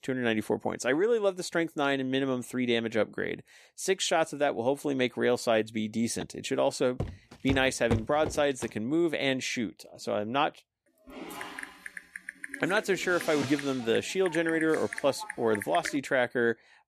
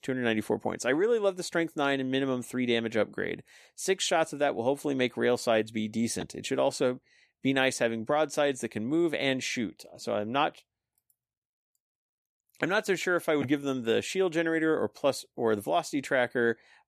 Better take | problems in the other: second | footsteps; noticeable; from 7 to 8.5 s; peak 4 dB below the speech // keyboard typing; noticeable; from 11 to 16 s; peak 7 dB below the speech

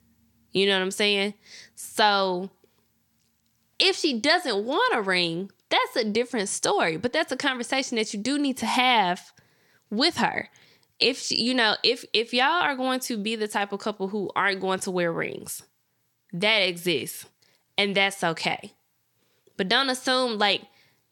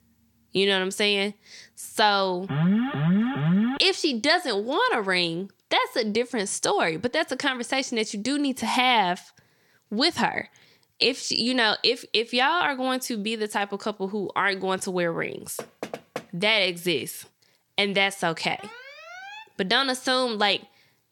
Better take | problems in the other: first | alarm; loud; from 2.5 to 4 s; peak 1 dB above the speech // door banging; faint; at 16 s; peak 10 dB below the speech // alarm; faint; at 19 s; peak 15 dB below the speech

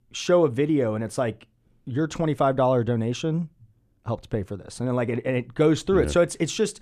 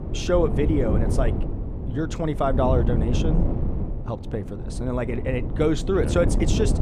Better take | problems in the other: first | wind noise on the microphone; heavy; 8 dB below the speech

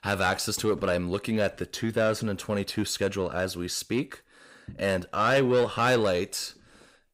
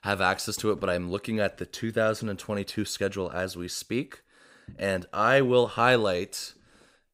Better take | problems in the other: second | distortion; slight; 10 dB below the speech

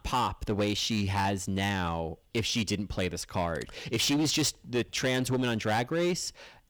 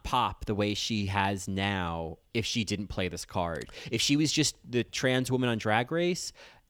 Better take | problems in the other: second | distortion; slight; 10% of the sound clipped

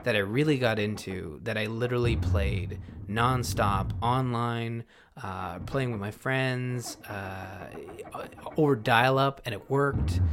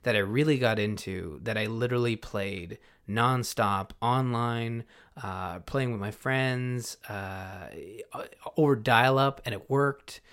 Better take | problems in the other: second | low rumble; noticeable; throughout; 20 dB below the speech

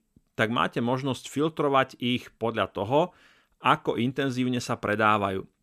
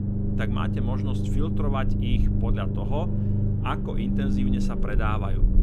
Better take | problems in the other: first | low rumble; loud; throughout; 2 dB below the speech

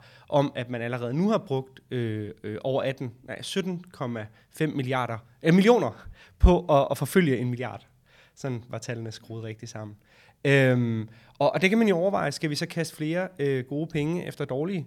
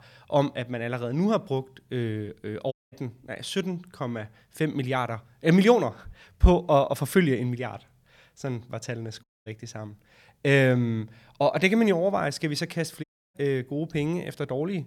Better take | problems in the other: first | audio cutting out; at 2.5 s, at 9 s and at 13 s

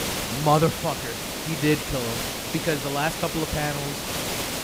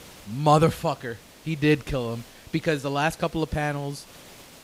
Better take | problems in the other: second | hiss; loud; throughout; 3 dB below the speech; faint in the second

